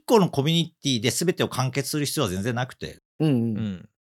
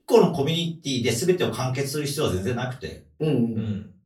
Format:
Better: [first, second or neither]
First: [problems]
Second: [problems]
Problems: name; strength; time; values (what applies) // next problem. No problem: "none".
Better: first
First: none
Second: off-mic speech; far // room echo; very slight; dies away in 0.3 s